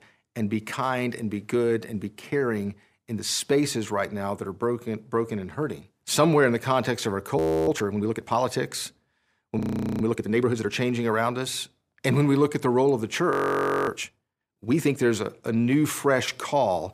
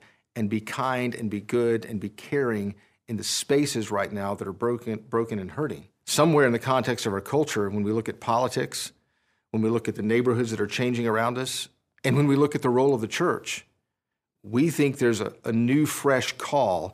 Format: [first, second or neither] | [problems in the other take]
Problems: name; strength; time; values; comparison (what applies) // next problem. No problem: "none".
second | audio freezing; at 7.5 s, at 9.5 s and at 13 s for 0.5 s